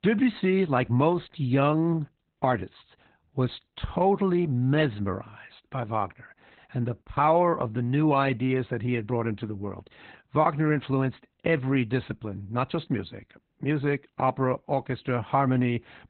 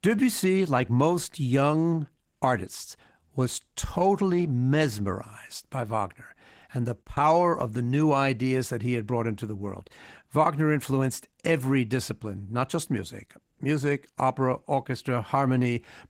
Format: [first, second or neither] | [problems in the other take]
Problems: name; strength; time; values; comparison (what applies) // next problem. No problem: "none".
second | garbled, watery; badly; nothing above 4 kHz; slightly in the second